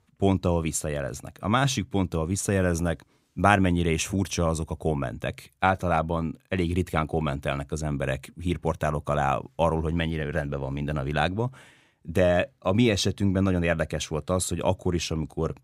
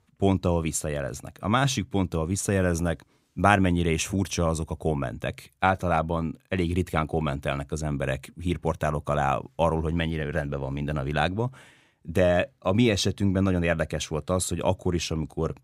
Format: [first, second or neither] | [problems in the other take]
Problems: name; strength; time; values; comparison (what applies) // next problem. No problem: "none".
neither | none